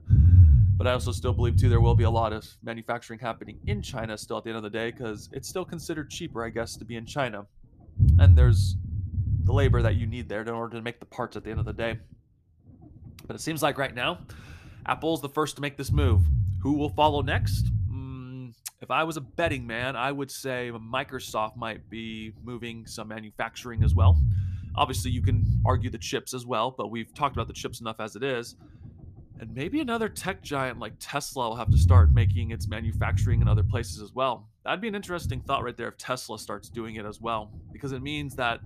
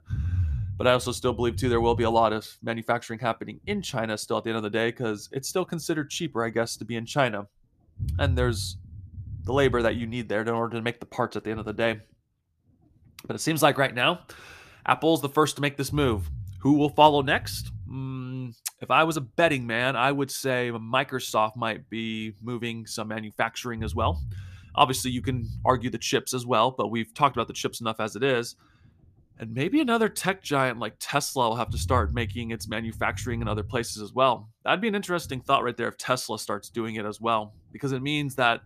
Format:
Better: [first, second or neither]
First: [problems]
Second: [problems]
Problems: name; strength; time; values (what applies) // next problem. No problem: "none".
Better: second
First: low rumble; loud; throughout; 8 dB below the speech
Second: low rumble; faint; throughout; 25 dB below the speech